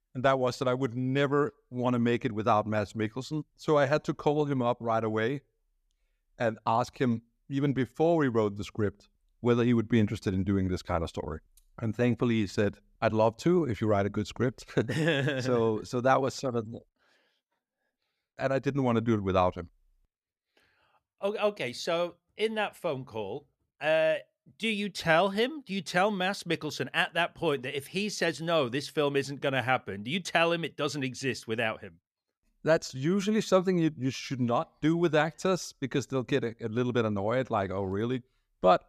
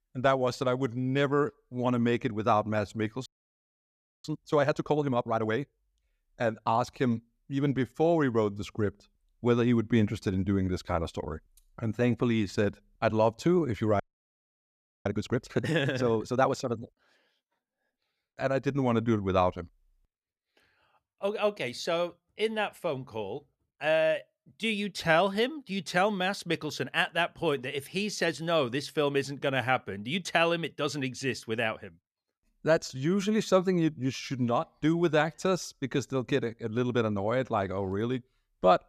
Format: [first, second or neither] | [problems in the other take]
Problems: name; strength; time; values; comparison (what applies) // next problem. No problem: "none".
first | audio freezing; at 3.5 s for 1 s and at 14 s for 1 s